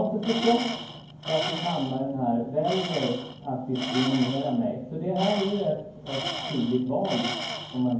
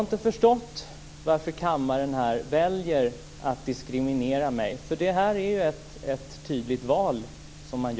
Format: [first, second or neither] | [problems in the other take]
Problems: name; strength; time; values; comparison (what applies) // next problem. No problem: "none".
second | background sound (Tools); 8 dB below the speech // room echo; dies away in 0.9 s